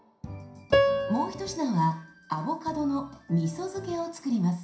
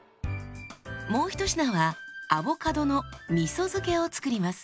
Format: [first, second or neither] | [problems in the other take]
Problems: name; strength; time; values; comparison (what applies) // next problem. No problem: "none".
second | background sound (Piano); 1 dB below the speech // room echo; dies away in 0.5 s